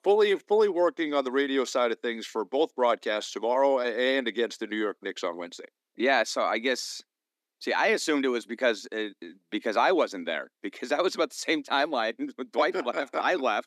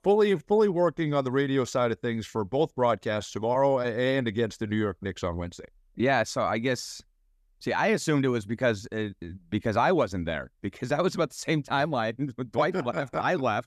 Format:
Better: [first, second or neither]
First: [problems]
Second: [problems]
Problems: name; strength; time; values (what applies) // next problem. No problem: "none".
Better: second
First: thin; very slightly; fading below 250 Hz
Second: none